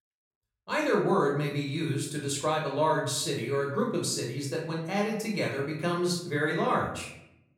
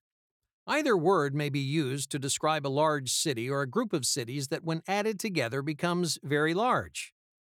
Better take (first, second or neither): second